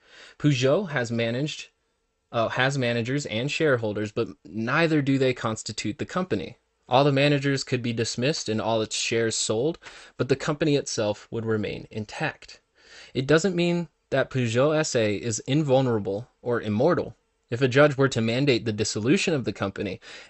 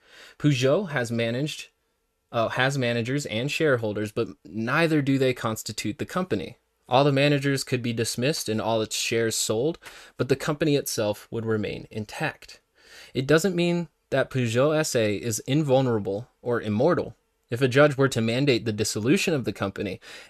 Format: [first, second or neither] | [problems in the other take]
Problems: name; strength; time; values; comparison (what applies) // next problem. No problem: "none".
second | garbled, watery; slightly; nothing above 8 kHz